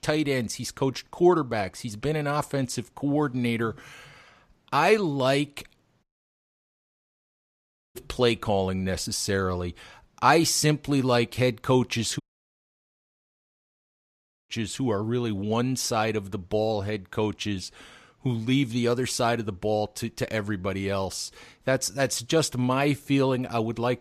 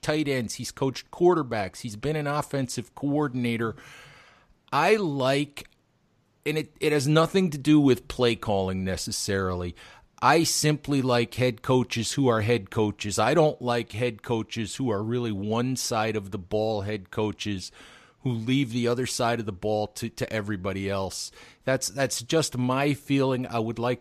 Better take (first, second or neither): second